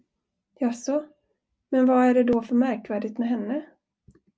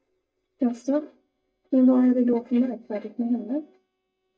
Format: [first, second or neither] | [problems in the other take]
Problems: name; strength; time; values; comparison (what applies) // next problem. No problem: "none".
first | noise reduction (neural mask model DeepFilterNet 3)